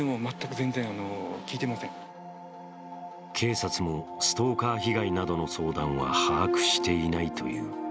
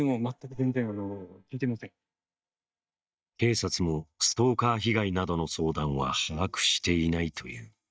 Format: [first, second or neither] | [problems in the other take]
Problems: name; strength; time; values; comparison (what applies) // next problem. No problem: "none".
first | noise reduction (neural mask model DeepFilterNet 3)